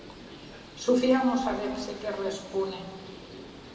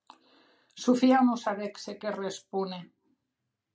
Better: second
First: background sound (Bird); 16 dB below the speech // room echo; dies away in 2.1 s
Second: none

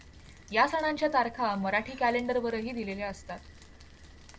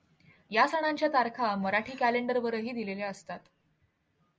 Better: second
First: background sound (Rain); 20 dB below the speech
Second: none

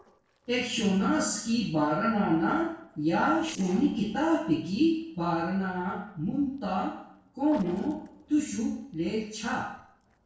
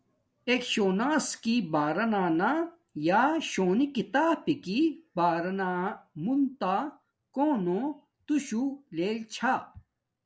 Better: second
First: noise reduction (neural separator model SepFormer DNS4)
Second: none

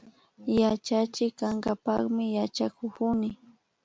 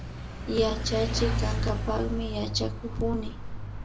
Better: first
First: none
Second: background sound (Mechanisms / Bicycle); as loud as the speech // room echo; dies away in 0.2 s

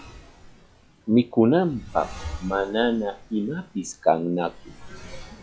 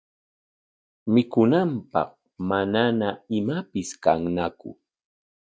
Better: second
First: noise reduction (classical method log-MMSE)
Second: none

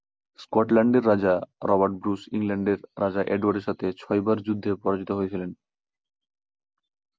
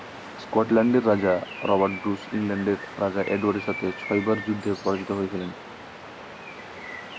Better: first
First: none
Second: background sound (Waves, surf + Bird); 12 dB below the speech

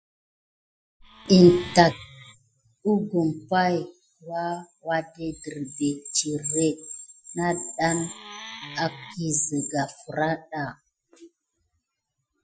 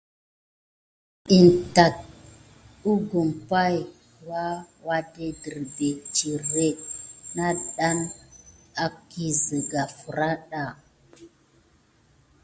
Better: second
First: noise reduction (classical method Wiener filter)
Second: none

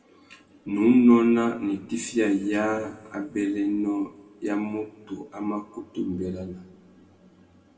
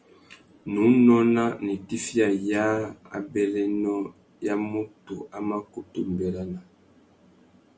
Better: second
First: room echo; dies away in 1.5 s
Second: none

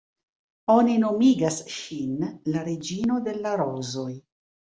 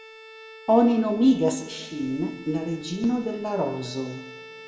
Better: first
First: none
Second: background sound (Bowed string instrument); 20 dB below the speech // room echo; dies away in 1.3 s

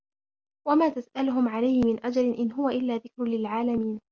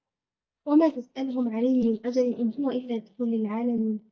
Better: first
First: none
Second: noise reduction (neural mask model DeepFilterNet 3)

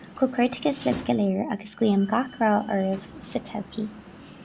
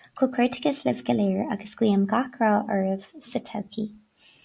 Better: second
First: background sound (Slam); 17 dB below the speech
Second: none

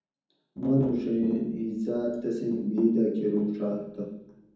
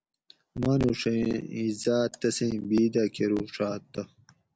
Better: second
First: room echo; dies away in 1.2 s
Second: none

